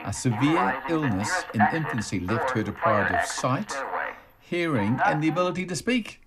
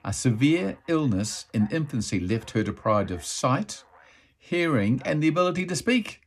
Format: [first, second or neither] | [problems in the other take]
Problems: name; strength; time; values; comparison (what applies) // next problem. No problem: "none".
second | alarms or sirens; loud; throughout; 1 dB below the speech; faint in the second